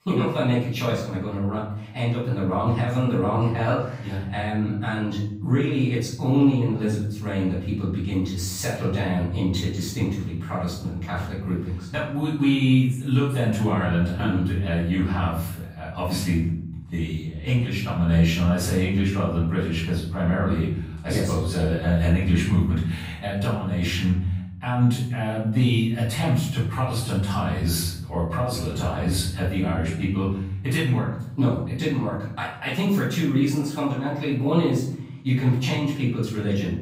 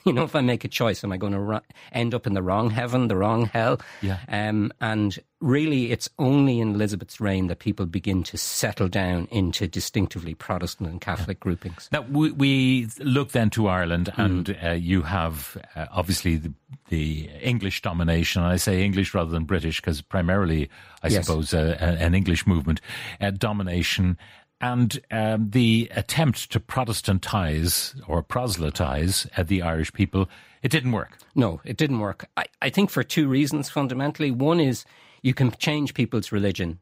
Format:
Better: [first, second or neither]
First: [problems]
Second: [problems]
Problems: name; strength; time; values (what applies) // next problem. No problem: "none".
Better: second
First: off-mic speech; far // room echo; noticeable; dies away in 0.8 s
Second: none